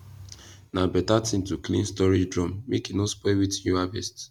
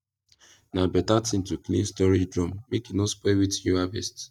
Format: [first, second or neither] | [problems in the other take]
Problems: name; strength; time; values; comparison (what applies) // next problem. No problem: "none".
first | noise reduction (neural mask model DeepFilterNet 3)